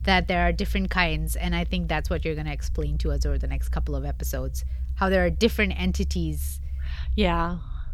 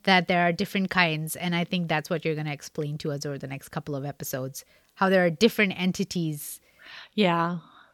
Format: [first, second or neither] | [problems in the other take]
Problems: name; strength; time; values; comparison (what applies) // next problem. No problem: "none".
second | low rumble; faint; throughout; 25 dB below the speech